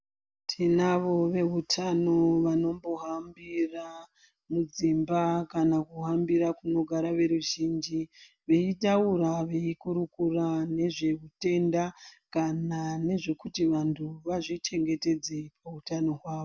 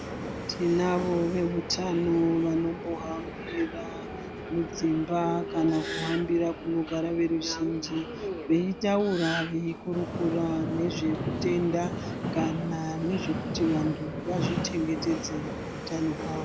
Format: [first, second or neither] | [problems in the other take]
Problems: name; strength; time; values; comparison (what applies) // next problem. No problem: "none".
first | background sound (Subway, metro, underground); 6 dB below the speech